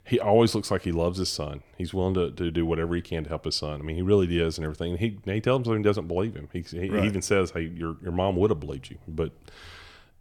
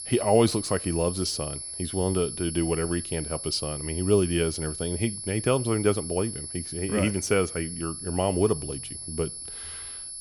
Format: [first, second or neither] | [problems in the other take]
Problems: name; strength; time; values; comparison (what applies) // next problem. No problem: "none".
first | high-pitched whine; loud; throughout; 11 kHz, 7 dB below the speech